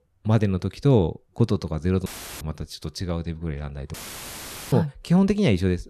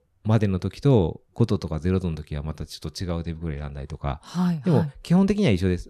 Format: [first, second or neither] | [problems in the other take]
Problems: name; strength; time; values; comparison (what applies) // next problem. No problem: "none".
second | audio cutting out; filled with static; at 2 s and at 4 s for 1 s